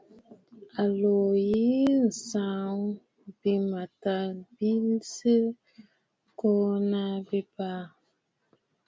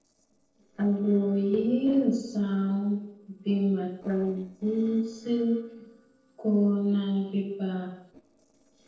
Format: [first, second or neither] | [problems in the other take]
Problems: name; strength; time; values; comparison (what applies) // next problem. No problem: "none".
first | noise reduction (neural separator model SepFormer DNS4)